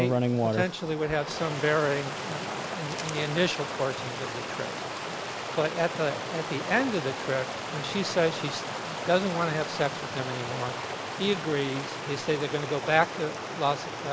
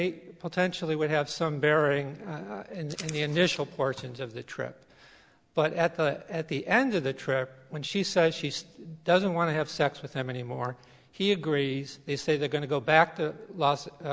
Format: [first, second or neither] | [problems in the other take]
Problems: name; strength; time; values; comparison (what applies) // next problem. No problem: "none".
second | background sound (Stream); 3 dB below the speech